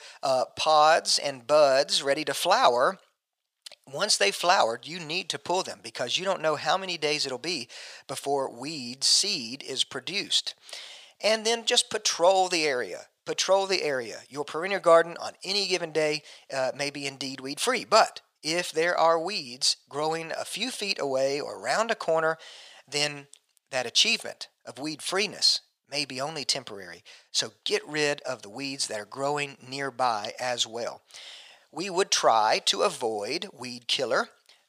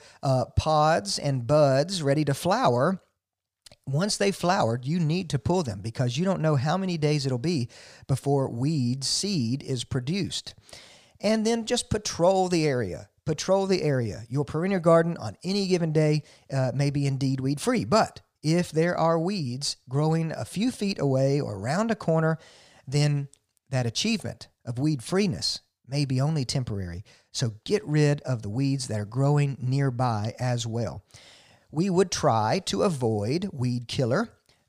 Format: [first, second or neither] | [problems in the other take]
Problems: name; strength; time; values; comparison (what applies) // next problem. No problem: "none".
second | thin; very; fading below 600 Hz